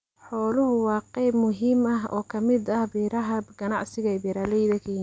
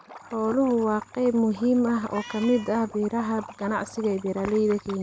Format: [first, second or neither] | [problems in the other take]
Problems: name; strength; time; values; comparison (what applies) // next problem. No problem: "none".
first | background sound (Liquid + Meow); 19 dB below the speech